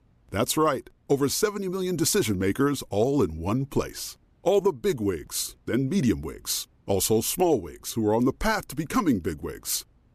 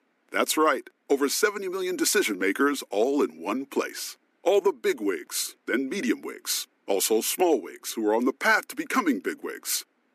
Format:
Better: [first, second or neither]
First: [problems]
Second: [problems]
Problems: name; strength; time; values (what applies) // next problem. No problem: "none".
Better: first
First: none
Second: thin; very slightly; fading below 250 Hz